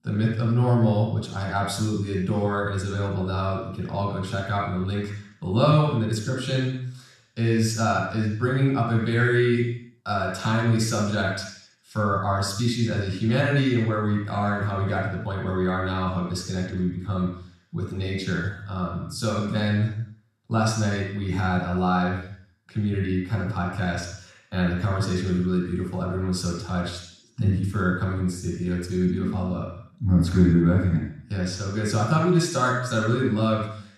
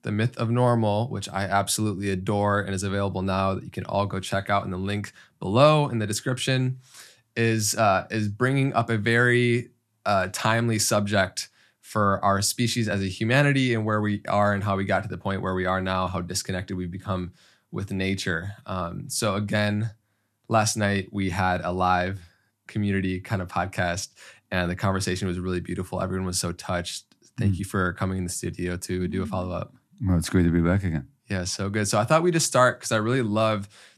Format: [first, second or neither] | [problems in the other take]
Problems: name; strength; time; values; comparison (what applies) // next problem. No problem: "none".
second | room echo; noticeable; dies away in 0.7 s // off-mic speech; far